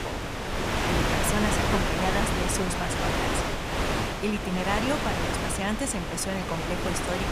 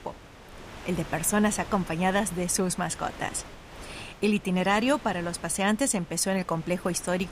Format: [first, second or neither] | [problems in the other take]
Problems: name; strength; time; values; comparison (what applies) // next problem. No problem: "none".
second | wind noise on the microphone; heavy; 3 dB above the speech; occasional gusts in the second